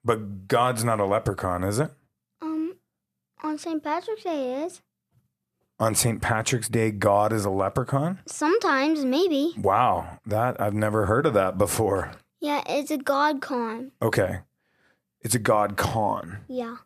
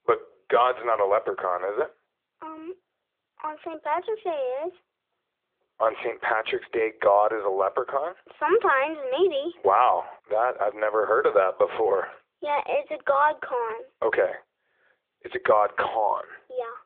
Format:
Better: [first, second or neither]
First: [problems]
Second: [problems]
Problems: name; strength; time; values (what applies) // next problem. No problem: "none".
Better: first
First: none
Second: phone-call audio; nothing above 3.5 kHz